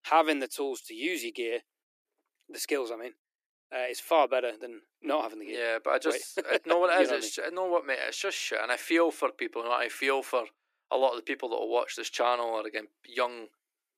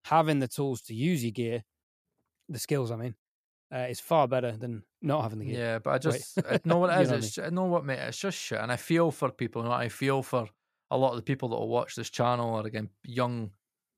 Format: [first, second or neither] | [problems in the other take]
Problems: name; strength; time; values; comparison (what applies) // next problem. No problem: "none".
second | thin; very; fading below 300 Hz